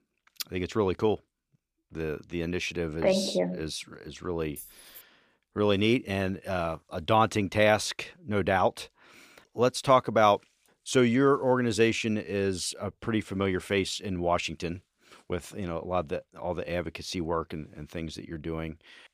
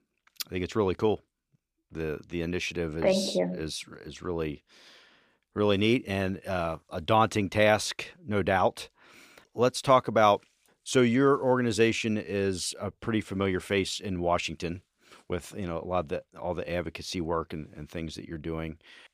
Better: second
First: jangling keys; faint; at 4.5 s; peak 15 dB below the speech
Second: none

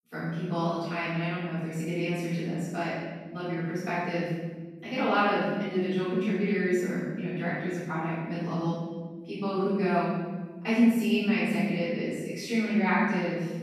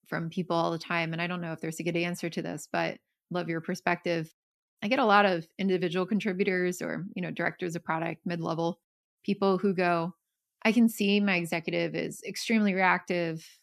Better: second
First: room echo; strong; dies away in 1.6 s // off-mic speech; far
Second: none

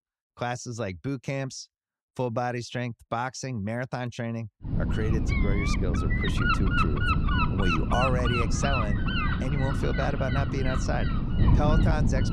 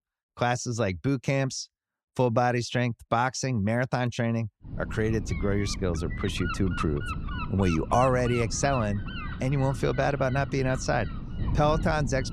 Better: second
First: wind noise on the microphone; heavy; from 4.5 s on; 2 dB above the speech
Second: wind noise on the microphone; occasional gusts; from 4.5 s on; 10 dB below the speech

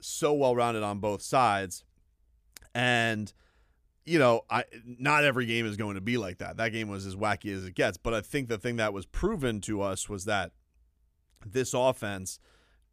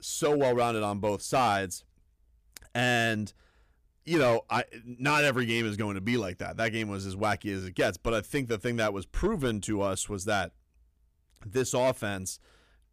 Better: first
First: none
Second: distortion; slight; 4% of the sound clipped

